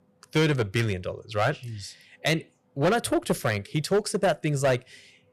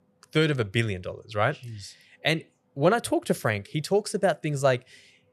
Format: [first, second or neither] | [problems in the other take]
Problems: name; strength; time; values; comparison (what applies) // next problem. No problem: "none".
second | distortion; slight; 5% of the sound clipped